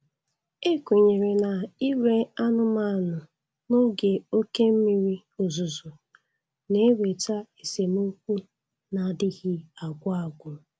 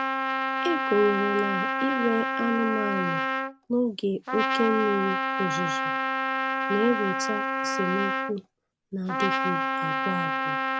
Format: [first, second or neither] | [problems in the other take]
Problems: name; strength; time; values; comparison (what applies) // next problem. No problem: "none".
first | background sound (Trumpet); 1 dB above the speech